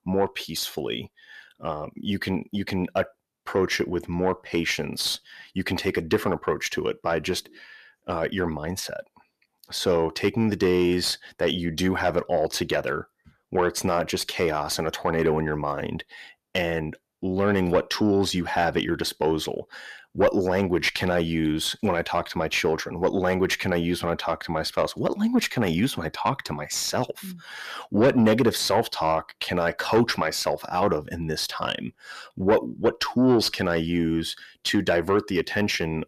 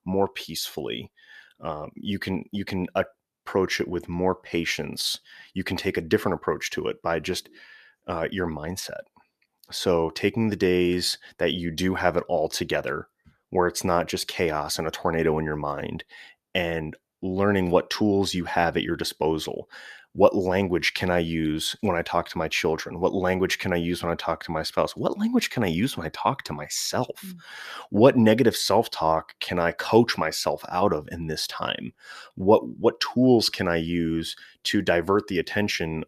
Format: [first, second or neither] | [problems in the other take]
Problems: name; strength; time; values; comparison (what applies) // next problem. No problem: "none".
second | distortion; slight; 10 dB below the speech